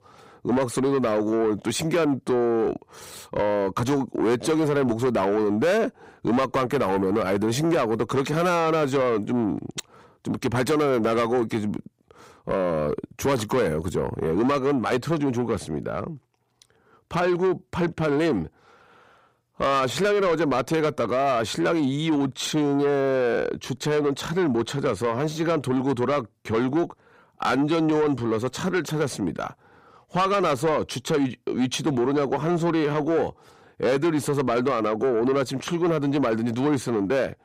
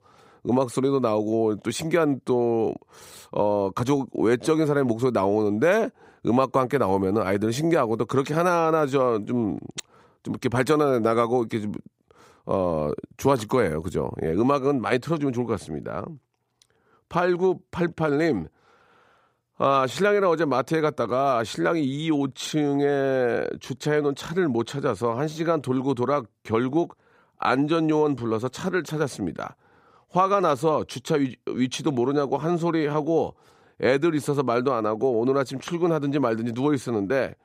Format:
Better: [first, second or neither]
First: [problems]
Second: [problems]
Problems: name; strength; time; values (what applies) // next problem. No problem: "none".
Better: second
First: distortion; slight; 10 dB below the speech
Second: none